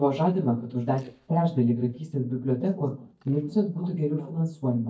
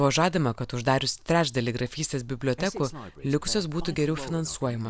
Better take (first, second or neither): second